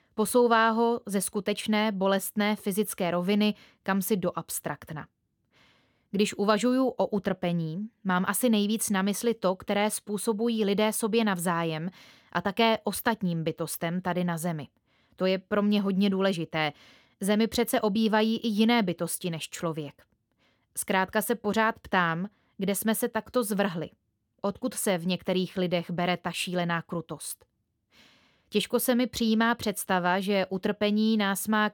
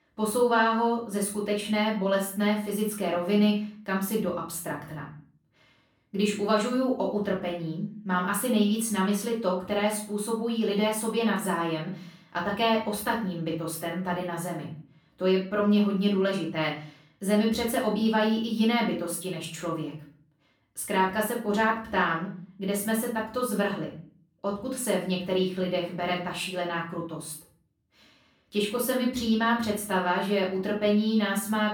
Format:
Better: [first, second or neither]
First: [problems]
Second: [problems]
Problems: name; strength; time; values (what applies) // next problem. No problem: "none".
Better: first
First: none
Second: off-mic speech; far // room echo; noticeable; dies away in 0.4 s